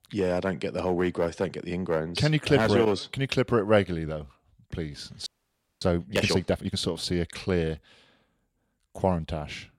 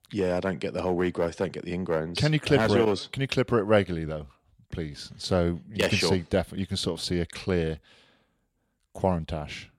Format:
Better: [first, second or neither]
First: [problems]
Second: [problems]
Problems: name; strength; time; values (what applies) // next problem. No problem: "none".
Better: second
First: audio freezing; at 5.5 s for 0.5 s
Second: none